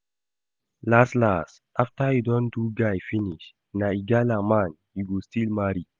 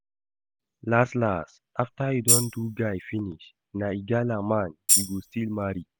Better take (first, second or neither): first